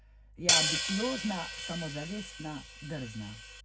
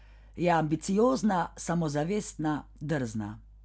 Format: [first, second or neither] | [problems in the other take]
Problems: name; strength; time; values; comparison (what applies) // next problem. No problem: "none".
second | background sound (Hi-hat); 4 dB above the speech // room echo; dies away in 0.4 s